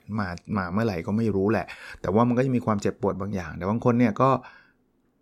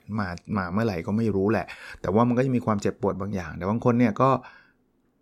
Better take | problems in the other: neither | none

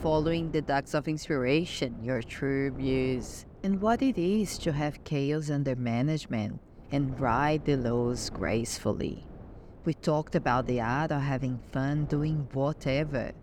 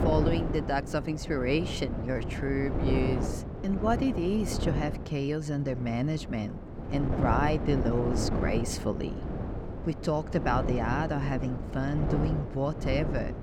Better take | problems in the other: first | wind noise on the microphone; heavy; 6 dB below the speech; occasional gusts in the first

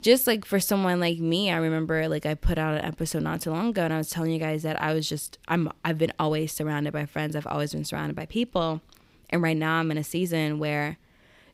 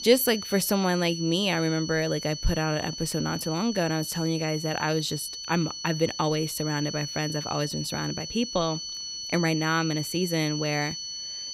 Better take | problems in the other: first | high-pitched whine; loud; throughout; 4.5 kHz, 7 dB below the speech

